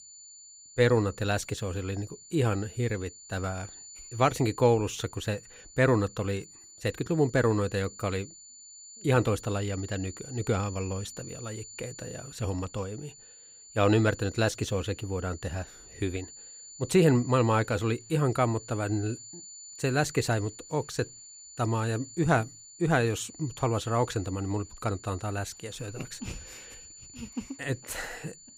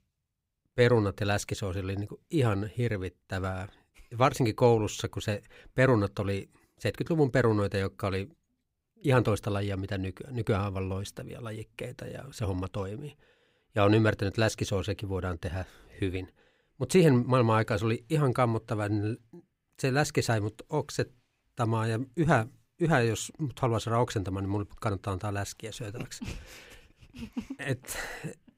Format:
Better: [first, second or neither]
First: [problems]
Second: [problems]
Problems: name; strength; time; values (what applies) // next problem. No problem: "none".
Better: second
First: high-pitched whine; noticeable; throughout; 7 kHz, 15 dB below the speech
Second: none